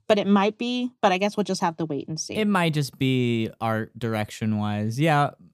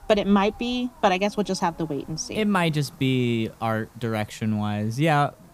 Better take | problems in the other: first | hiss; faint; throughout; 25 dB below the speech

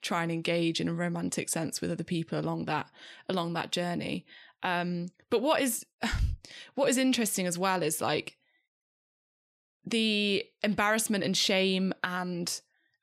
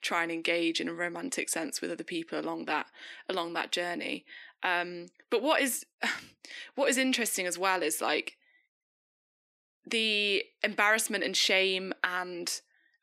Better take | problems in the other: first | thin; somewhat; fading below 300 Hz

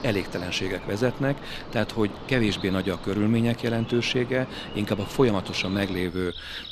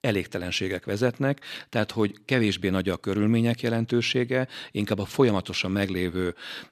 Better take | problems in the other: second | animal sounds; noticeable; throughout; 10 dB below the speech

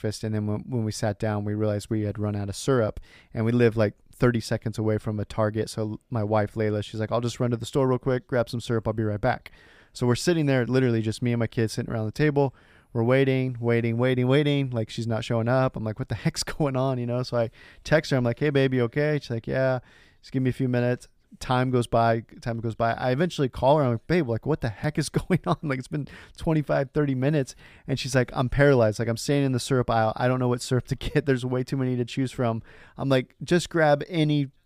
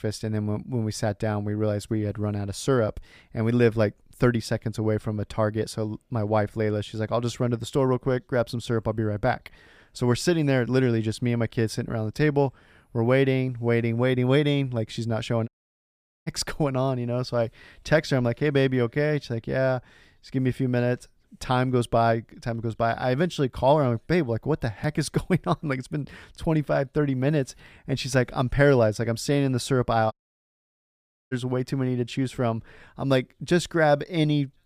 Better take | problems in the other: first | audio cutting out; at 15 s for 1 s and at 30 s for 1 s

